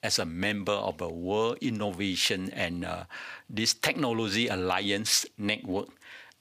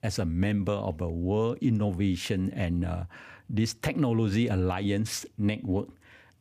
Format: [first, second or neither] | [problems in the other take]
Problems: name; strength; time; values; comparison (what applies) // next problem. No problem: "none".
second | thin; somewhat; fading below 950 Hz